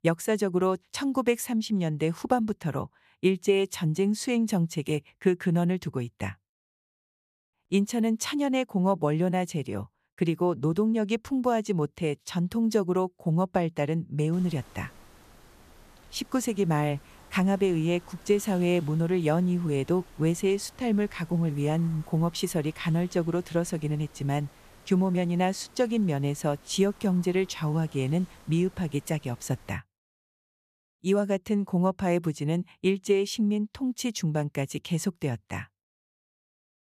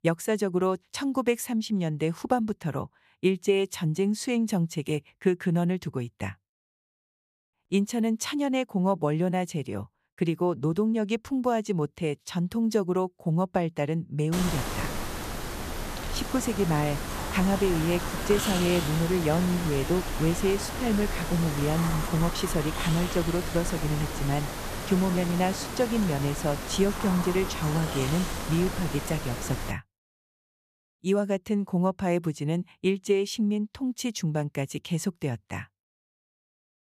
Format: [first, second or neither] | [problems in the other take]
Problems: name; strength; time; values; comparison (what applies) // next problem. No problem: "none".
first | hiss; loud; from 14 to 30 s; 5 dB below the speech; faint in the first